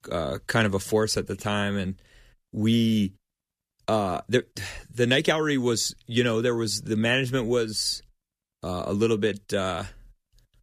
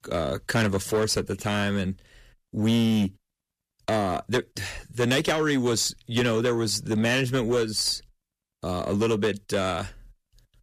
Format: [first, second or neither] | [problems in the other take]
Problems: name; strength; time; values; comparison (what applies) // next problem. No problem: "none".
first | distortion; slight; 8% of the sound clipped